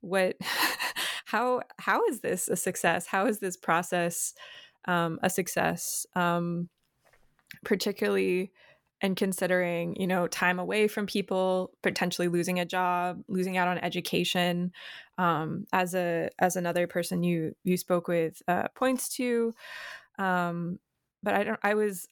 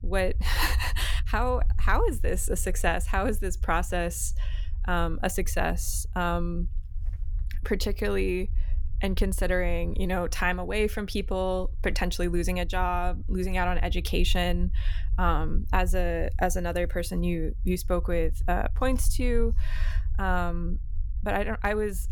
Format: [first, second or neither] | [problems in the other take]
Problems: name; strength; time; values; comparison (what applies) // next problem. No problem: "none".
first | low rumble; faint; throughout; 25 dB below the speech